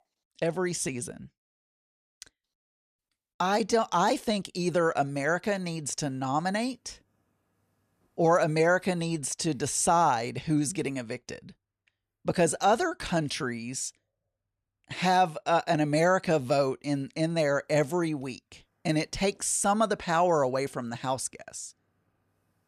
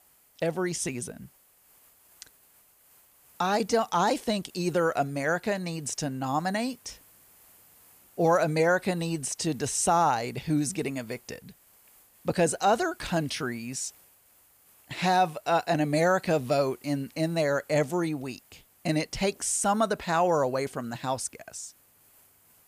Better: first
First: none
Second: hiss; faint; throughout; 30 dB below the speech

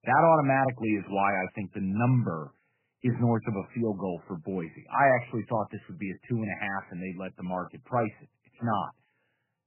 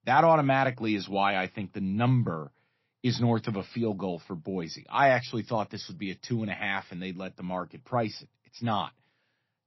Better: second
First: garbled, watery; badly; nothing above 2.5 kHz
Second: garbled, watery; slightly; nothing above 5.5 kHz

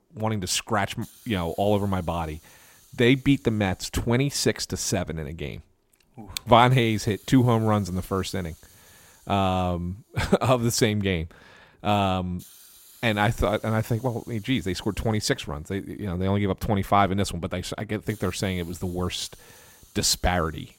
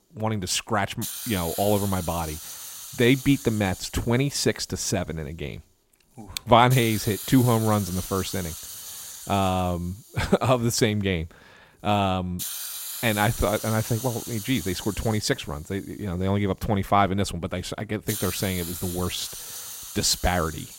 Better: first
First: hiss; faint; throughout; 25 dB below the speech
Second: hiss; loud; throughout; 9 dB below the speech

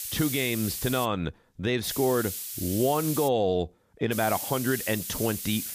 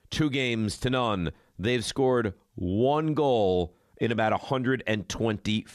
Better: second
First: hiss; loud; until 1 s, from 2 to 3.5 s and from 4 s on; 5 dB below the speech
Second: none

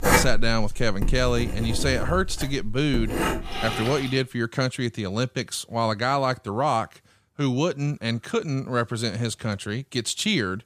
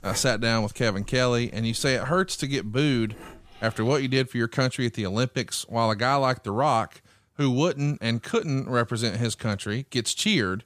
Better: second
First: household noises; loud; until 4 s; 4 dB below the speech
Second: household noises; faint; until 4 s; 25 dB below the speech

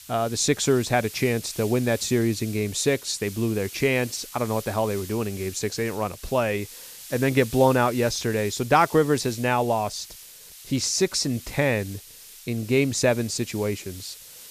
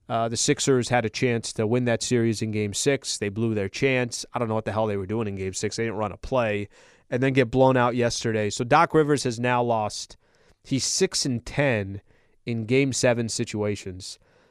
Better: second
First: hiss; noticeable; throughout; 15 dB below the speech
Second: none

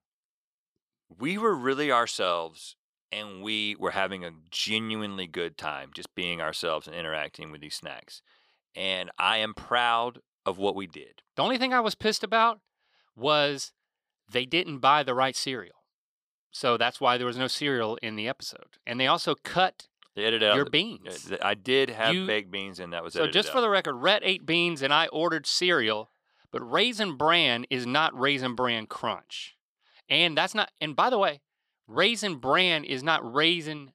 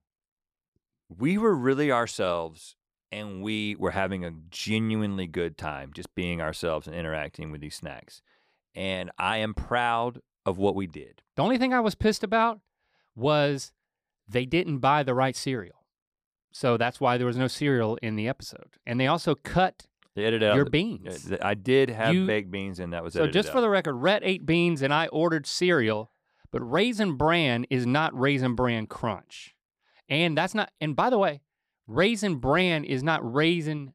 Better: second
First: thin; very slightly; fading below 950 Hz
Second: none

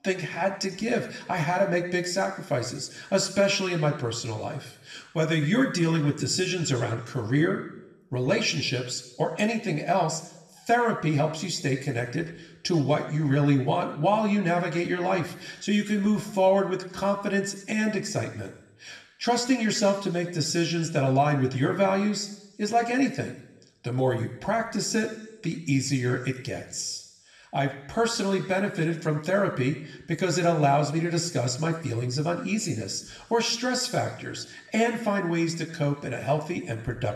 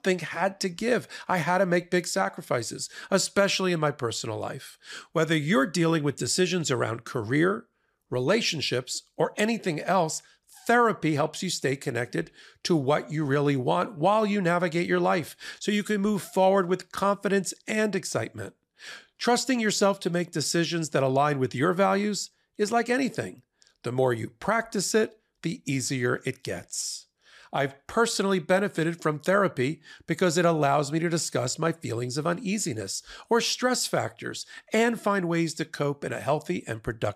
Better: second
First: room echo; slight; dies away in 0.8 s // off-mic speech; somewhat distant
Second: none

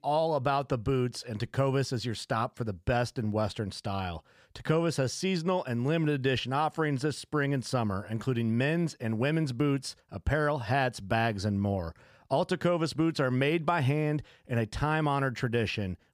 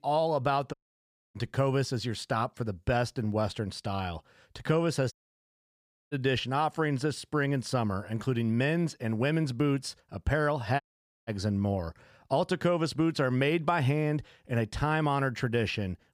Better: first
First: none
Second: audio cutting out; at 0.5 s for 0.5 s, at 5 s for 1 s and at 11 s

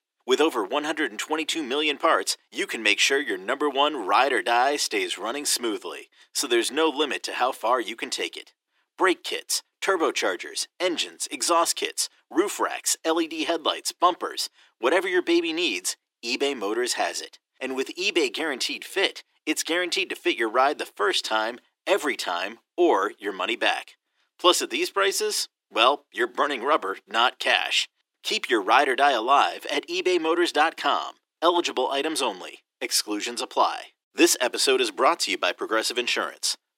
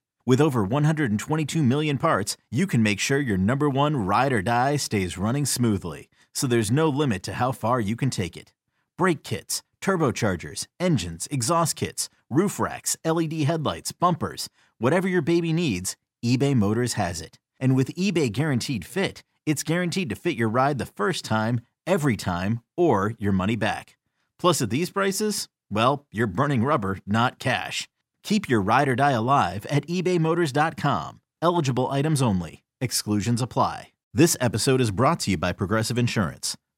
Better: second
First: thin; very; fading below 350 Hz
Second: none

